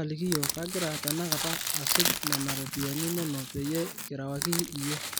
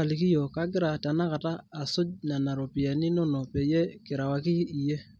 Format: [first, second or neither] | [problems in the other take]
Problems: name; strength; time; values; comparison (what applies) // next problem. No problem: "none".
second | background sound (Crushing); 1 dB above the speech